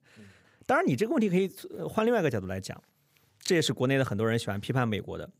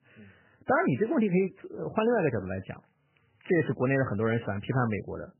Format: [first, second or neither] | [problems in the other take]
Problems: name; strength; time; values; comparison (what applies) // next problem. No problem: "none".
first | garbled, watery; badly; nothing above 3 kHz